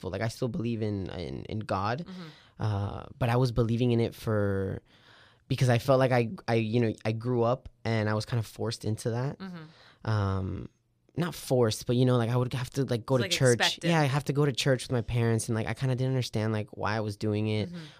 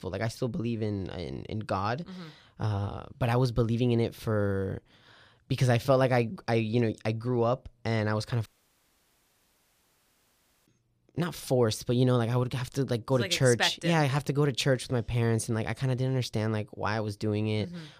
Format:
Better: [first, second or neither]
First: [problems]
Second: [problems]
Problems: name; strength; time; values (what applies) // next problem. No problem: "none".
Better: first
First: none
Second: audio cutting out; at 8.5 s for 2 s